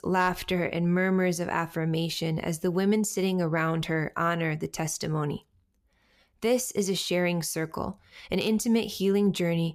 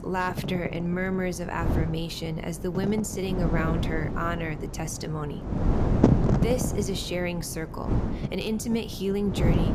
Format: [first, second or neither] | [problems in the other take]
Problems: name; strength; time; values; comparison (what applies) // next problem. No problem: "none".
first | wind noise on the microphone; heavy; 3 dB below the speech